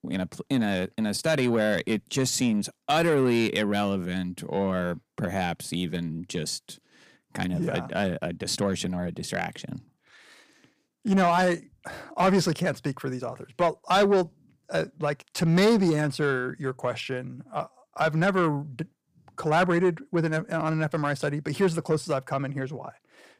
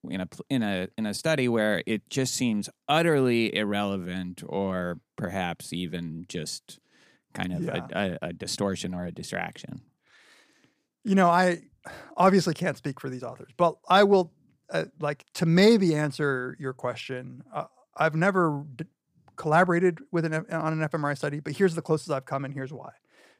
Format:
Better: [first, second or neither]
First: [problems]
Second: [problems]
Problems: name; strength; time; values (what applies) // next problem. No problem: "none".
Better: second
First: distortion; slight; 10 dB below the speech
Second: none